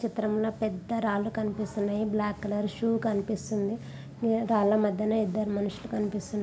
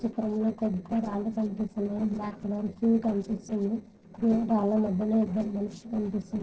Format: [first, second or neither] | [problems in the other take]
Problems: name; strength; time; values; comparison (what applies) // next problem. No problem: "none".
first | noise reduction (neural separator model SepFormer DNS4)